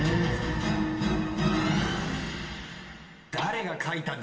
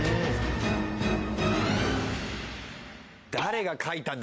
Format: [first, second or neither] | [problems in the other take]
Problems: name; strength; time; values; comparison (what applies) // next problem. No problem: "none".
second | room echo; dies away in 1.2 s